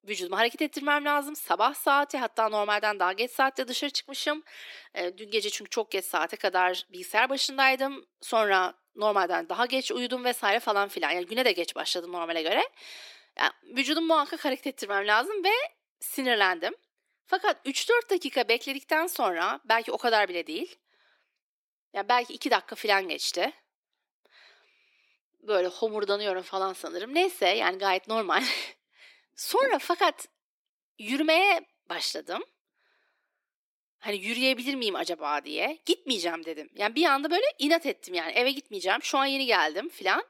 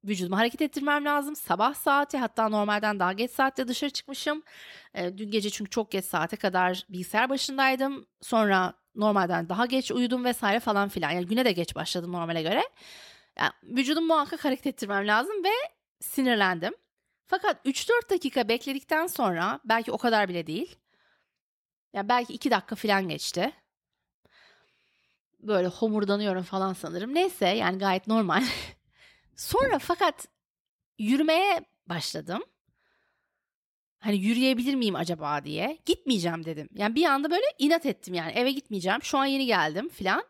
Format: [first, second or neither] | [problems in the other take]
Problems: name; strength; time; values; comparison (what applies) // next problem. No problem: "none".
second | thin; somewhat; fading below 300 Hz